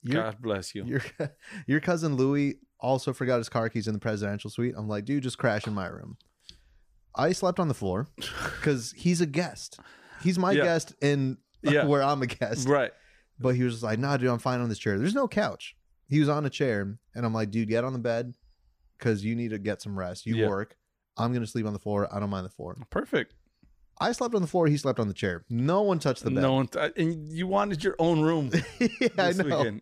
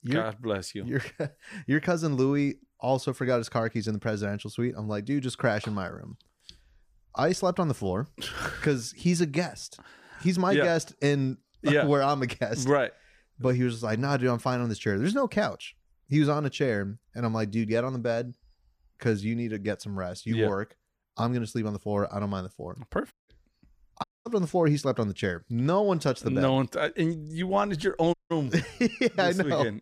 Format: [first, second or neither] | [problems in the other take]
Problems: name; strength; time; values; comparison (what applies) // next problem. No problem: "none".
first | audio cutting out; at 23 s, at 24 s and at 28 s